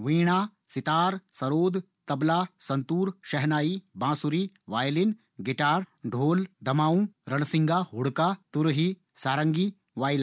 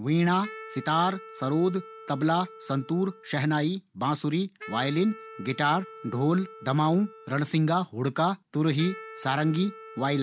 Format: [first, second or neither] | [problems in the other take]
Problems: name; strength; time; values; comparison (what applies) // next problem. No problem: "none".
first | background sound (Wind instrument, woodwind instrument); 18 dB below the speech